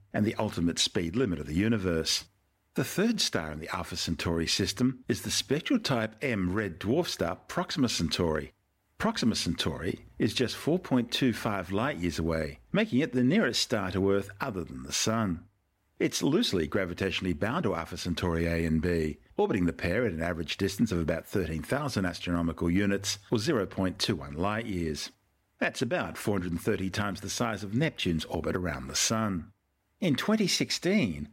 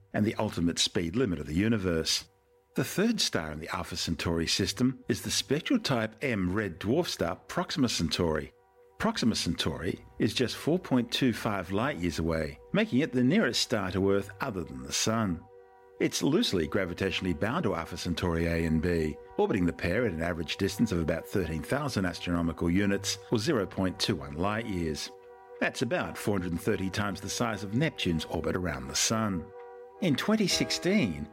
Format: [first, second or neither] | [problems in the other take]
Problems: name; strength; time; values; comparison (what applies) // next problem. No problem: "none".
first | background music; faint; throughout; 20 dB below the speech